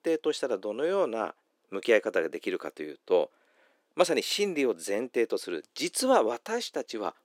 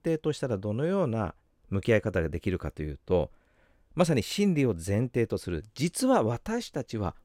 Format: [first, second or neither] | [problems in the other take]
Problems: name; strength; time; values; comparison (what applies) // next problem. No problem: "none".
second | thin; somewhat; fading below 300 Hz